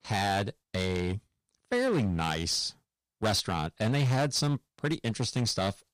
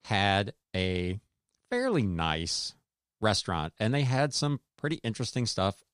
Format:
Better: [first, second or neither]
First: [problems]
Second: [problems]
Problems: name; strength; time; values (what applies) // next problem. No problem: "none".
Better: second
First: distortion; heavy; 9% of the sound clipped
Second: none